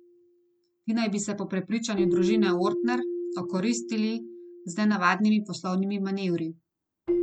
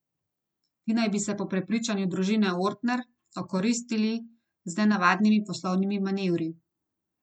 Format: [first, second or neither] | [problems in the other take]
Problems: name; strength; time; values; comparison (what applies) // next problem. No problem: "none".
second | background sound (Keyboard (musical)); 4 dB below the speech